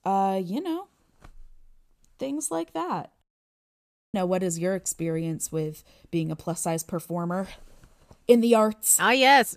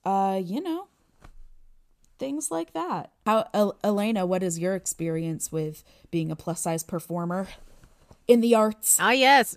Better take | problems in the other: second | audio cutting out; at 3 s for 1 s

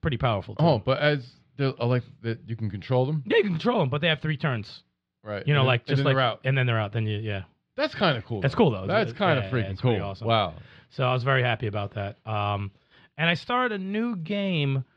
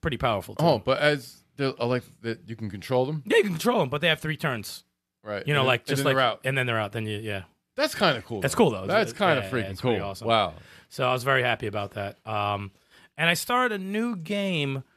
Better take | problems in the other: second | muffled; very slightly; fading above 4 kHz

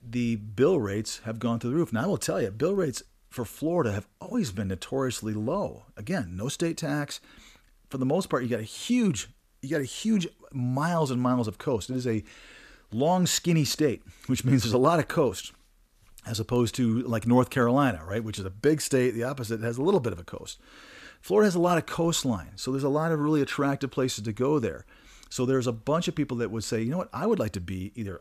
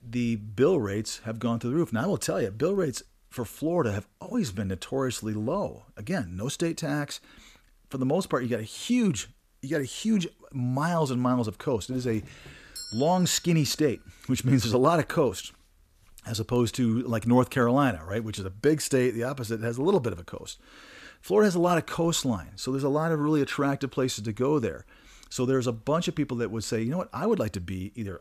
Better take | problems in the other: first | doorbell; faint; from 12 to 14 s; peak 10 dB below the speech

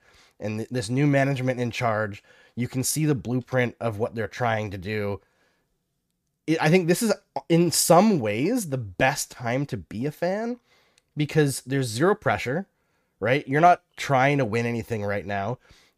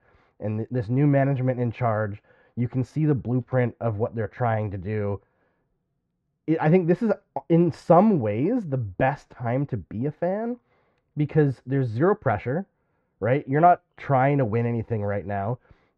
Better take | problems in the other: first | muffled; very; fading above 1.5 kHz

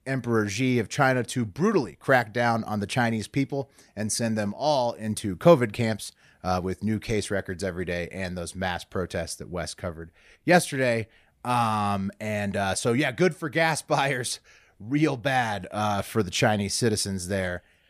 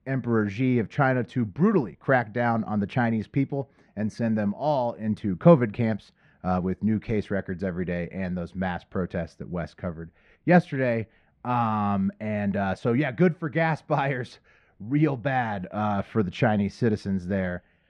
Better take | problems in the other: first | muffled; very; fading above 2 kHz

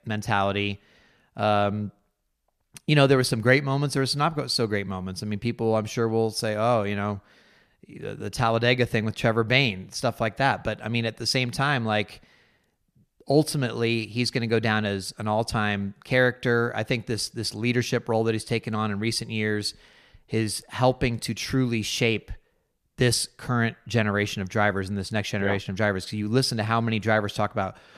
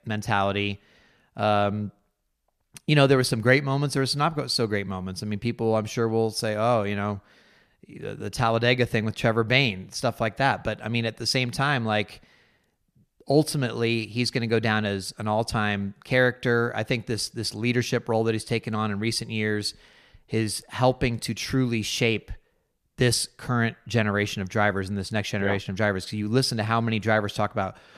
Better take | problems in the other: neither | none

